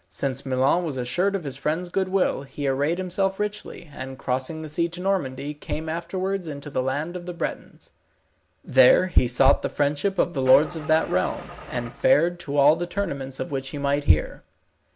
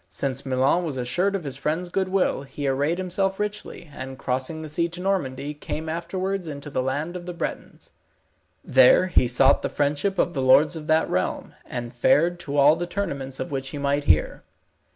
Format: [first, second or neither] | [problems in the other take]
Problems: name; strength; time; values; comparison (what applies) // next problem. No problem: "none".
second | background sound (Engine starting / Car); 15 dB below the speech